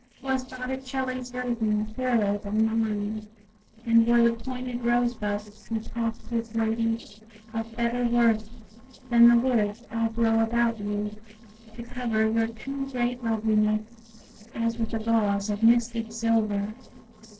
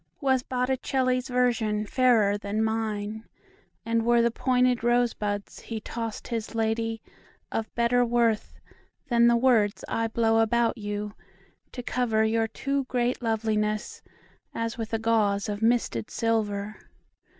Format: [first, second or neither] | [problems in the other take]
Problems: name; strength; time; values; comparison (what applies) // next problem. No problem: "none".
second | noise reduction (neural separator model SepFormer DNS4)